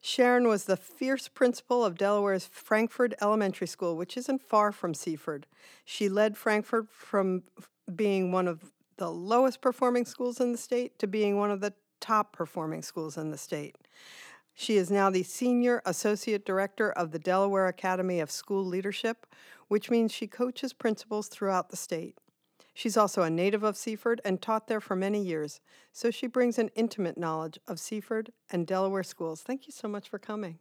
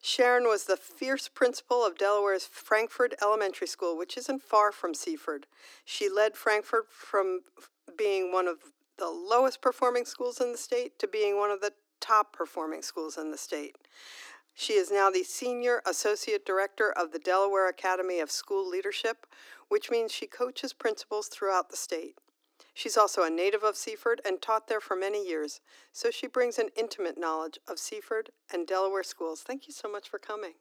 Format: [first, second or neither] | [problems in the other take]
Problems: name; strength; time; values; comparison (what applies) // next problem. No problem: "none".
first | thin; somewhat; fading below 300 Hz